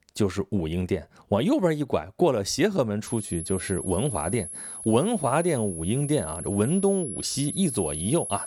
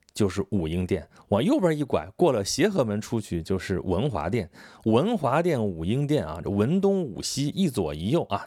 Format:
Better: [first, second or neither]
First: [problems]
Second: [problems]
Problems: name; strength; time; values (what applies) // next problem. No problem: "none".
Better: second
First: high-pitched whine; loud; from 3 s on; 11 kHz, 7 dB below the speech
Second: none